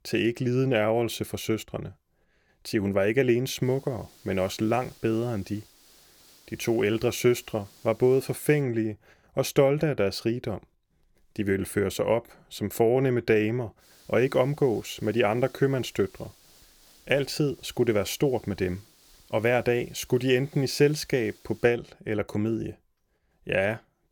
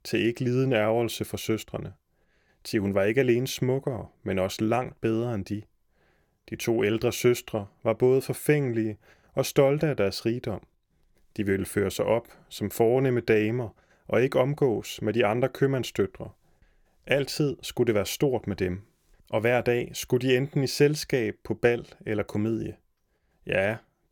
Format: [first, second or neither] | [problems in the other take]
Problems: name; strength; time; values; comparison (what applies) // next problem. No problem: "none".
second | hiss; faint; from 3.5 to 8.5 s and from 14 to 22 s; 30 dB below the speech